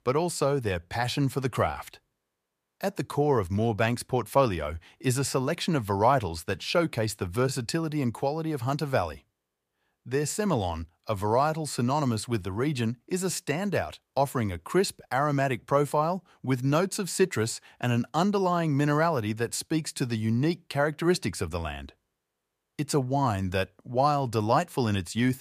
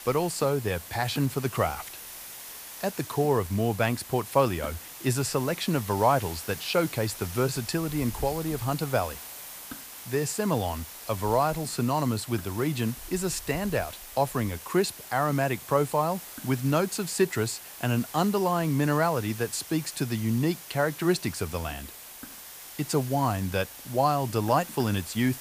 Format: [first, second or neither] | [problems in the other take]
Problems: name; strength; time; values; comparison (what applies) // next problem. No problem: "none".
first | hiss; noticeable; throughout; 10 dB below the speech